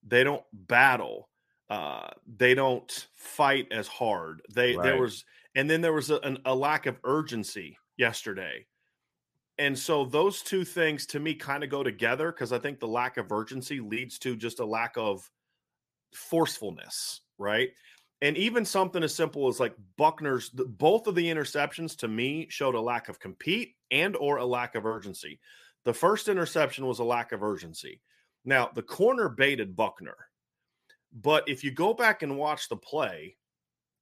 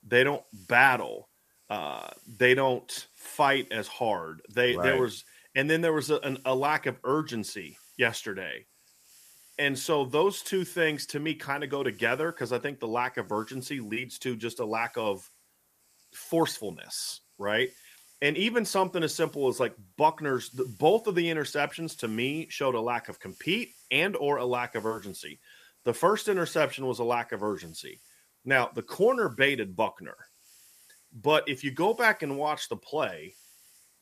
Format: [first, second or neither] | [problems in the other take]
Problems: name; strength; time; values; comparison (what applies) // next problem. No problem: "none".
first | hiss; faint; throughout; 30 dB below the speech